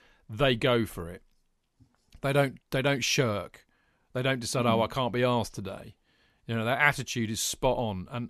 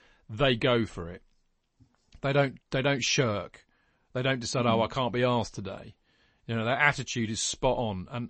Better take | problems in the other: first | garbled, watery; slightly; nothing above 8 kHz

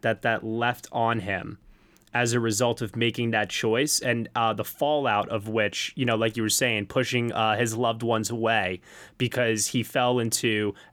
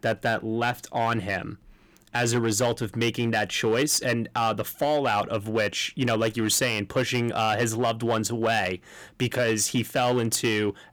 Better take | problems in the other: first | distortion; slight; 5% of the sound clipped

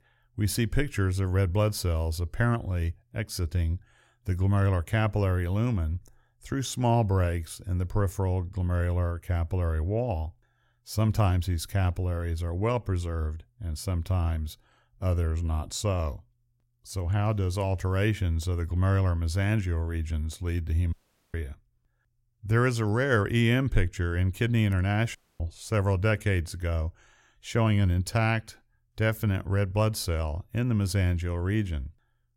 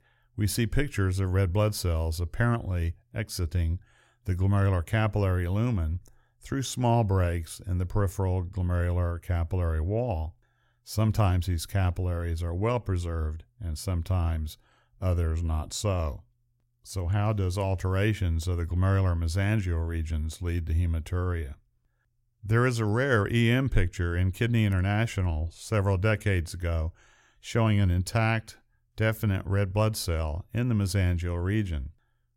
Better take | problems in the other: second | audio cutting out; at 21 s and at 25 s

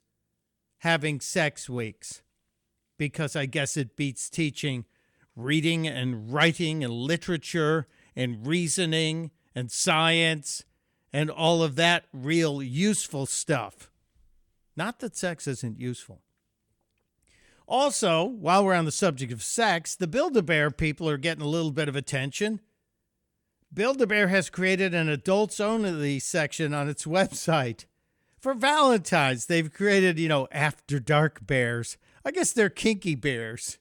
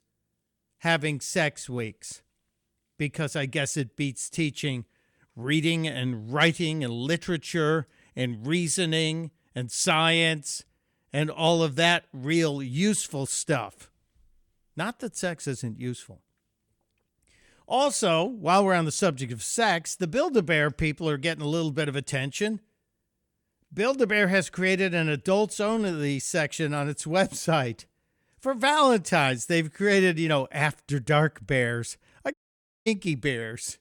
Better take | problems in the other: first | audio cutting out; at 32 s for 0.5 s

